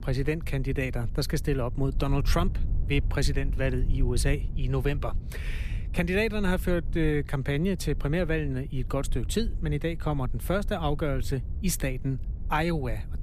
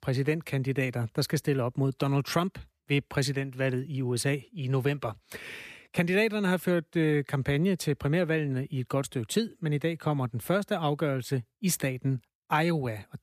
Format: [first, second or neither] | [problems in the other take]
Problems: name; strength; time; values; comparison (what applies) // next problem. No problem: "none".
second | low rumble; noticeable; throughout; 20 dB below the speech